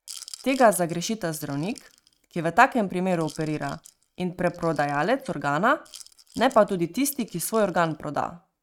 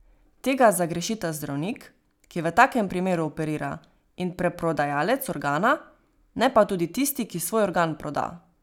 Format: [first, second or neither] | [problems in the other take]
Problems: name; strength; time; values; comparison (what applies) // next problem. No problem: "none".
second | noise reduction (neural mask model RNNoise)